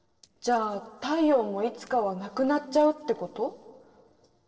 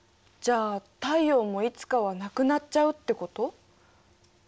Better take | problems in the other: second | noise reduction (neural separator model SepFormer DNS4)

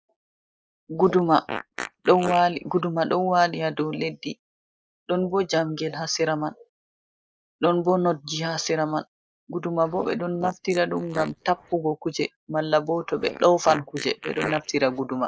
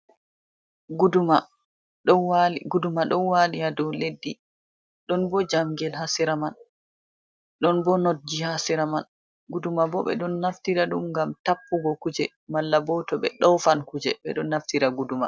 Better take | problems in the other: second | noise reduction (neural mask model Resemble Enhance denoiser)

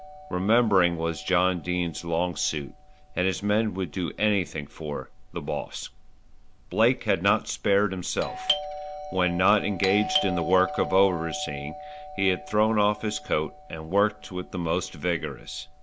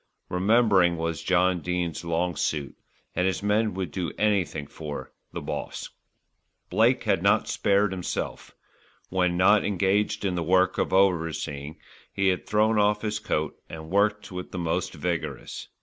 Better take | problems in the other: second | background sound (Doorbell); 11 dB below the speech

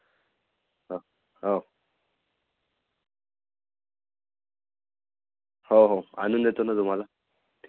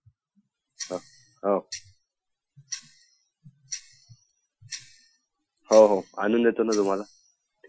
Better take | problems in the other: first | noise reduction (classical method Wiener filter)

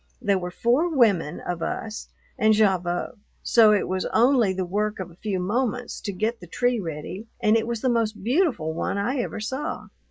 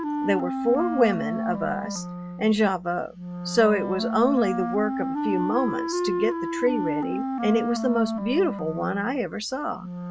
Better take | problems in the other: first | background sound (Wind instrument, woodwind instrument); 4 dB below the speech

